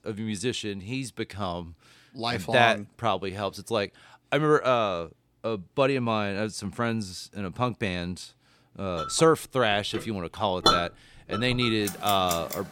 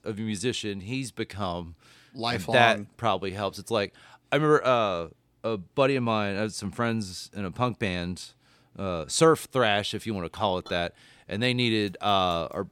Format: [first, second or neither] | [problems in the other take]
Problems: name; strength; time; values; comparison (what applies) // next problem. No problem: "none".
second | household noises; loud; from 9 s on; 3 dB below the speech; faint in the second